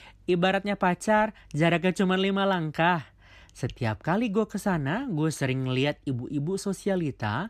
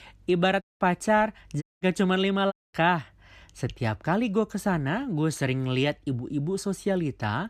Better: first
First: none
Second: audio cutting out; at 0.5 s, at 1.5 s and at 2.5 s

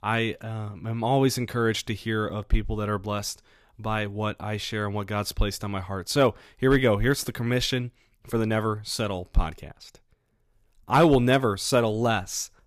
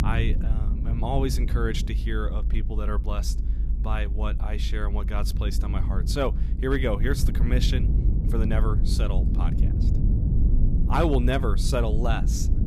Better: first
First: none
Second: low rumble; loud; throughout; 9 dB below the speech

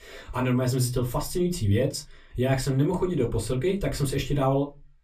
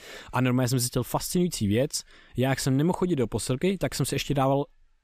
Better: second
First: off-mic speech; far // room echo; very slight; dies away in 0.2 s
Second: none

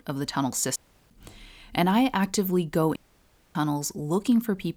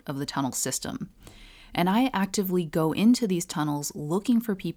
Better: second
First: audio cutting out; at 1 s and at 3 s for 0.5 s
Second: none

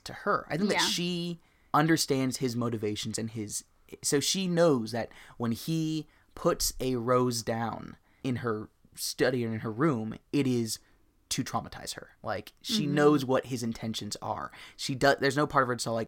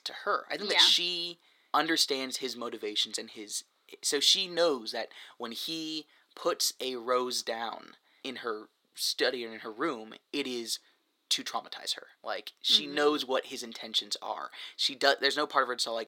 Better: first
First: none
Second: thin; somewhat; fading below 350 Hz

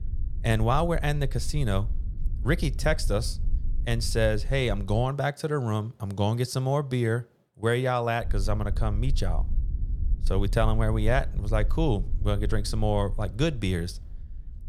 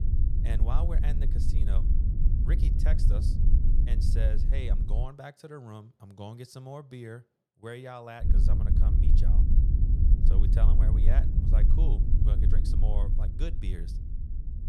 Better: first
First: low rumble; faint; until 5 s and from 8 s on; 25 dB below the speech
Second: low rumble; loud; until 5 s and from 8 s on; 1 dB below the speech

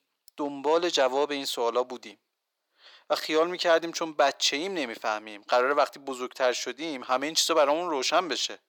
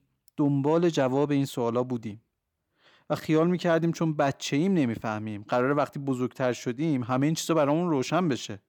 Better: second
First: thin; very; fading below 500 Hz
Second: none

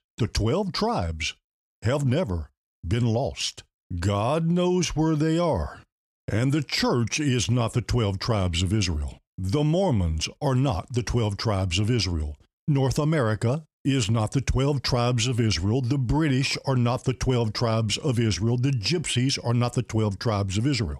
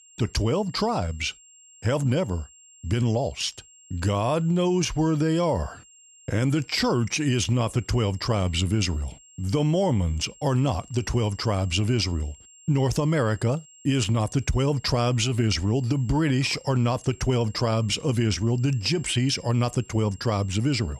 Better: first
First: none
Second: high-pitched whine; faint; throughout; 7.5 kHz, 25 dB below the speech

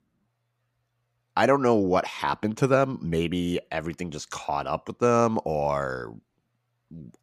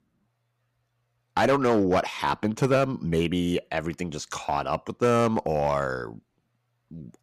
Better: first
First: none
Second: distortion; slight; 4% of the sound clipped

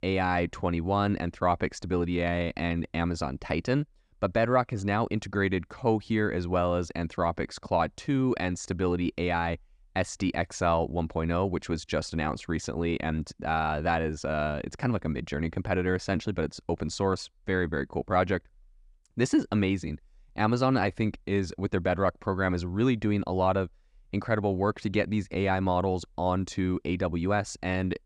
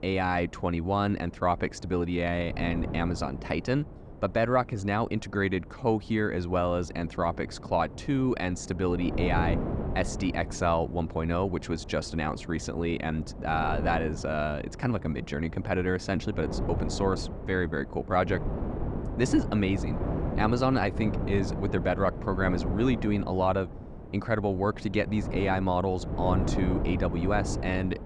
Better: first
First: none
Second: wind noise on the microphone; occasional gusts; 10 dB below the speech

